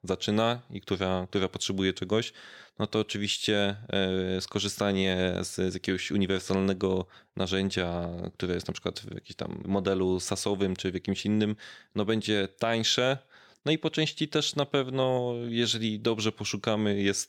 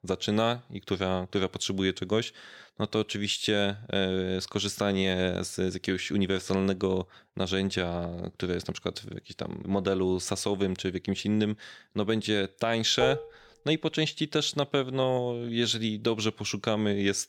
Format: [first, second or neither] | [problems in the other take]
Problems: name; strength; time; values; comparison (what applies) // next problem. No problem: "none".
first | clattering dishes; noticeable; at 13 s; peak 2 dB below the speech